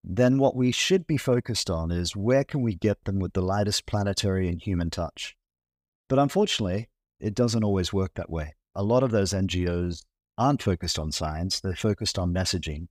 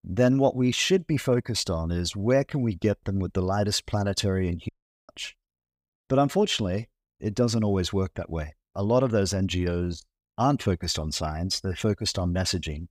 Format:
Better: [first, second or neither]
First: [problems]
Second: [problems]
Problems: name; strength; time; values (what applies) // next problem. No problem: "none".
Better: first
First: none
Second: audio cutting out; at 4.5 s